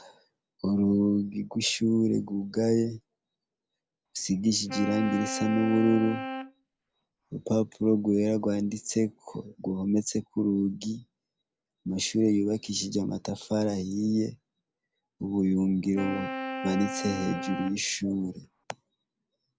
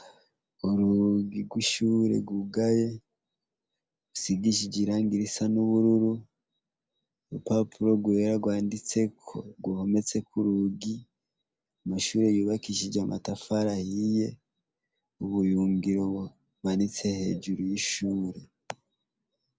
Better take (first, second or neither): second